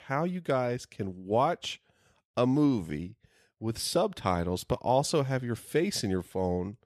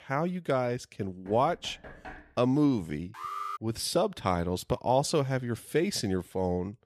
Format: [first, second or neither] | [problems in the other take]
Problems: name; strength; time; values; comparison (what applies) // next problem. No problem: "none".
first | door banging; faint; from 1.5 to 2.5 s; peak 15 dB below the speech // alarm; noticeable; at 3 s; peak 6 dB below the speech